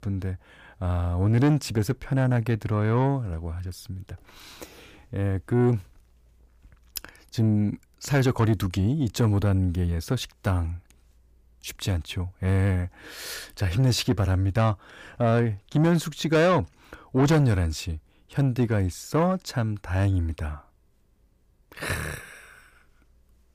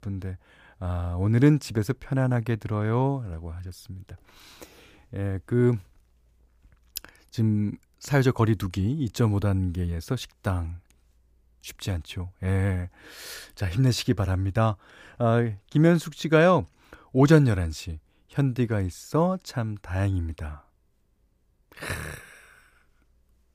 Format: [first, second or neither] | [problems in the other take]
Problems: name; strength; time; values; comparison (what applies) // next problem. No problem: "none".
second | distortion; slight; 10 dB below the speech